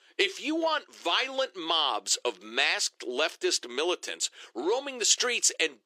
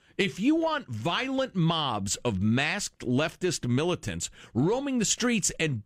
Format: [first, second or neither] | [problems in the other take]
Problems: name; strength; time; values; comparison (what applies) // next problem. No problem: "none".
second | thin; very; fading below 350 Hz